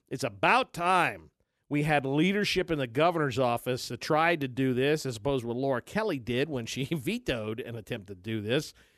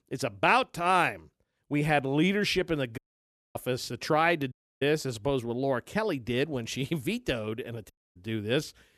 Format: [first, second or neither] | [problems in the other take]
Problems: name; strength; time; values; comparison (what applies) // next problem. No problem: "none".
first | audio cutting out; at 3 s for 0.5 s, at 4.5 s and at 8 s